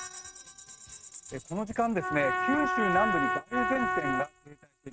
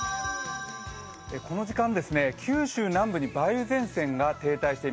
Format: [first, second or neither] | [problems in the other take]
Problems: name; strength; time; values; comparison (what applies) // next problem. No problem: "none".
second | noise reduction (neural mask model RNNoise)